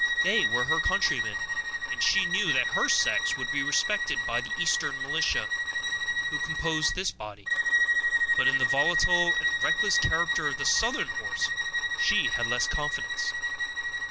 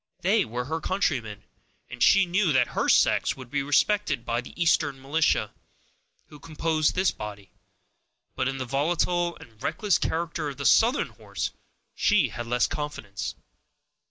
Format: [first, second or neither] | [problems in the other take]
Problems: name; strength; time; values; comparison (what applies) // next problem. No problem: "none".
second | background sound (Bowed string instrument); 4 dB above the speech